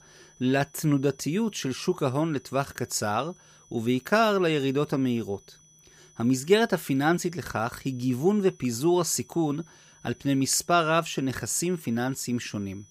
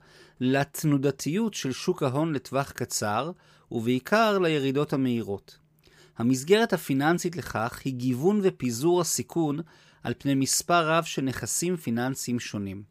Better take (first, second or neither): second